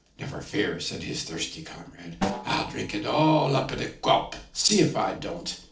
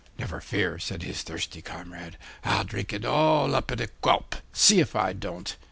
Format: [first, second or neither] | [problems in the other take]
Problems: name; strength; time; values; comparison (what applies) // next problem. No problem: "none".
second | noise reduction (neural separator model SepFormer DNS4)